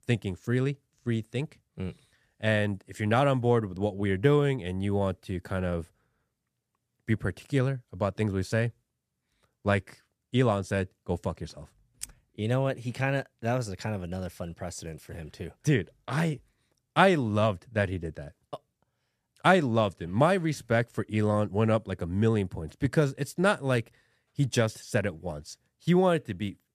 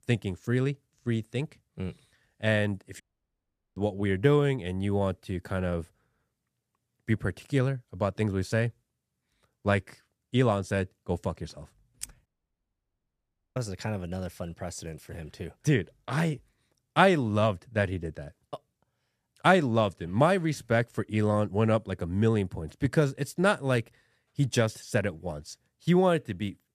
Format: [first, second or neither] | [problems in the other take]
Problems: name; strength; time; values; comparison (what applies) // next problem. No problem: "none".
first | audio cutting out; at 3 s for 1 s and at 12 s for 1.5 s